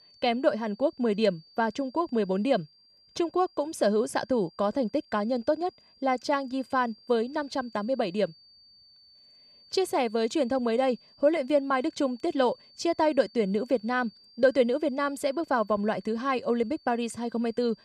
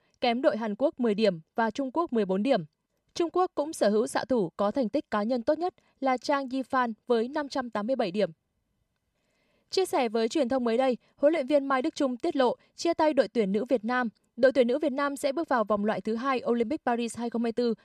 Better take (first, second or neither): second